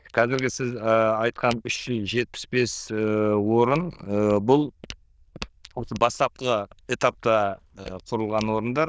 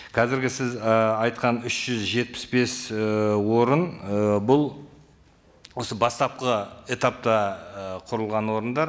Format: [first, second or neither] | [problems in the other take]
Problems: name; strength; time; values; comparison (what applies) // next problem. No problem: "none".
second | noise reduction (neural diffusion model UNIVERSE++)